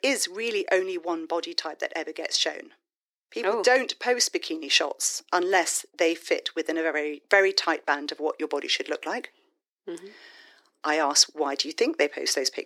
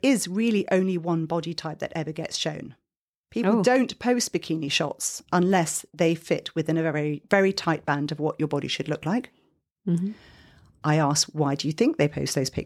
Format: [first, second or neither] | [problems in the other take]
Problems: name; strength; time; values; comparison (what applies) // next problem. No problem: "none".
second | thin; very; fading below 350 Hz